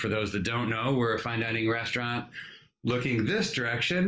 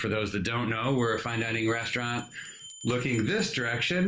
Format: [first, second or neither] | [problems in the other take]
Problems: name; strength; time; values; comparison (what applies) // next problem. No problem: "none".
first | background sound (Bell); 20 dB below the speech